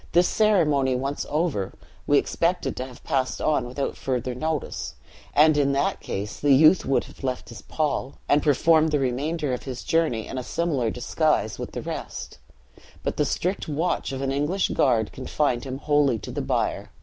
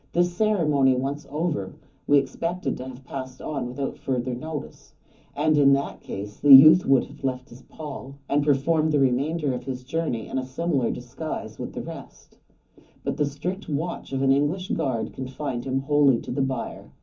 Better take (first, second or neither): first